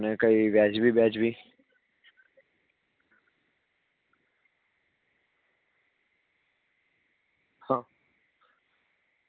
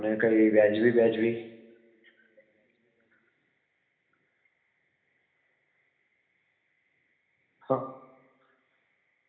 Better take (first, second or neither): first